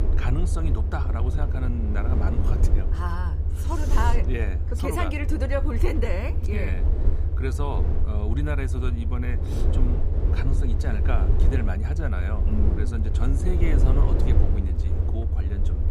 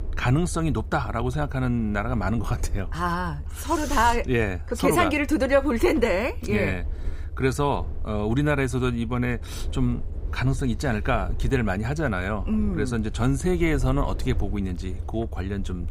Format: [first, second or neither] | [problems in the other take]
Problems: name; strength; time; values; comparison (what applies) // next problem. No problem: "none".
second | low rumble; loud; throughout; 5 dB below the speech; faint in the second